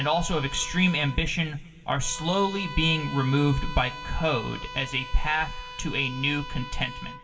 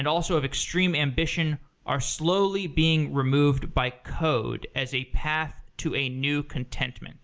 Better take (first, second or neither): second